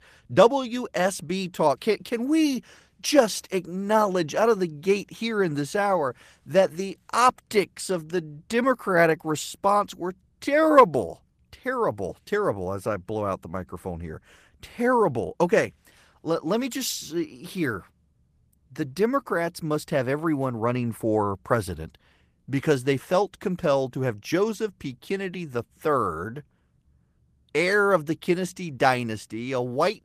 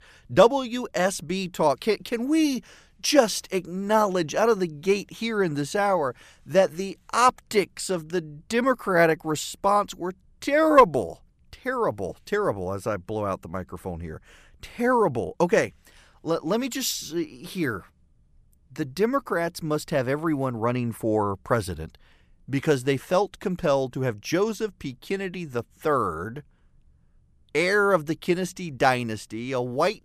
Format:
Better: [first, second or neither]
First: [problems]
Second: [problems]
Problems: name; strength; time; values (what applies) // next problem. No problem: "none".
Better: second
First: garbled, watery; slightly; nothing above 14.5 kHz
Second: none